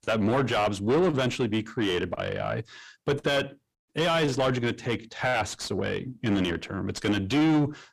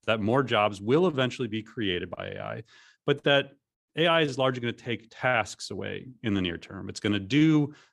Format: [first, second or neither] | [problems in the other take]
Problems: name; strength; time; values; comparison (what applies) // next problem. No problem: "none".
second | distortion; heavy; 6 dB below the speech